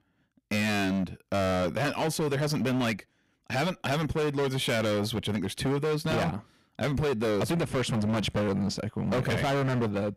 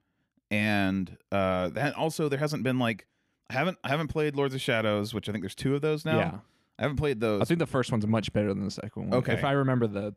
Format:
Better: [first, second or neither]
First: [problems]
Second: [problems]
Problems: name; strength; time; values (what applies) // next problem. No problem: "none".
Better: second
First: distortion; heavy; 25% of the sound clipped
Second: none